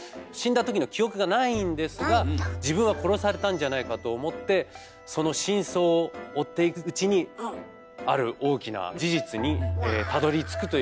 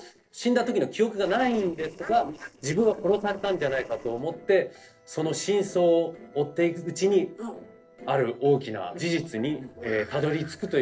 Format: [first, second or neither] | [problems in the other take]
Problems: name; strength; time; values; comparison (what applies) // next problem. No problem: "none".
first | noise reduction (neural separator model SepFormer DNS4)